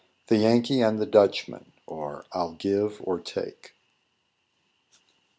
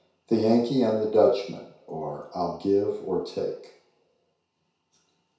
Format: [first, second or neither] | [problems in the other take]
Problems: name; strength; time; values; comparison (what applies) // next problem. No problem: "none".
first | room echo; dies away in 0.6 s